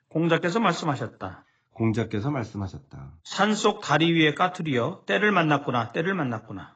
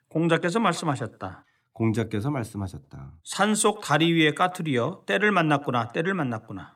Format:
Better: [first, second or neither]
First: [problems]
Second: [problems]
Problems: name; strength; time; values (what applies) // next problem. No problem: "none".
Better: second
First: garbled, watery; badly; nothing above 7.5 kHz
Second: none